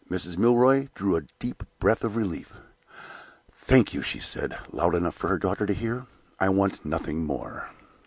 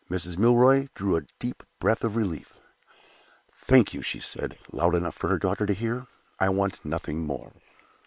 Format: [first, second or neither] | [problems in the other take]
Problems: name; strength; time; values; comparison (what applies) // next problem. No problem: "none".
first | noise reduction (neural separator model SepFormer WHAM!)